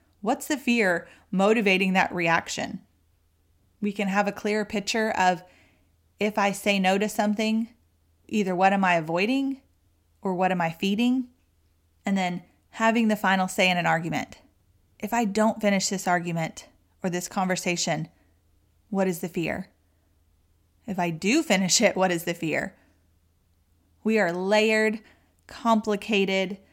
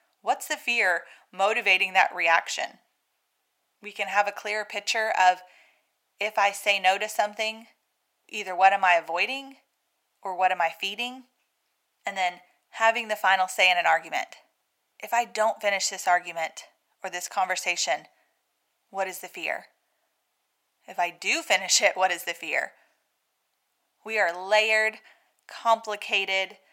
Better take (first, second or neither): first